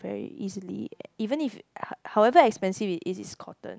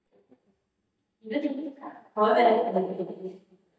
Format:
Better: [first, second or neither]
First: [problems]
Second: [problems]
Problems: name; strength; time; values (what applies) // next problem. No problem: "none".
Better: first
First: none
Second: noise reduction (neural mask model DeepFilterNet 3)